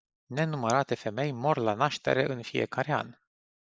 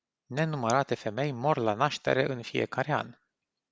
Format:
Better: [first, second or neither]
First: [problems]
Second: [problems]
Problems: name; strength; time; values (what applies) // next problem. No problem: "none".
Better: second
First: noise reduction (neural mask model Resemble Enhance denoiser)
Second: none